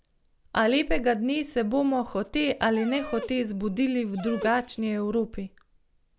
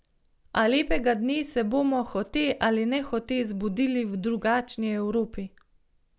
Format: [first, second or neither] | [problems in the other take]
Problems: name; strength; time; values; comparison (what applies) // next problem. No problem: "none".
second | background sound (Dog); 14 dB below the speech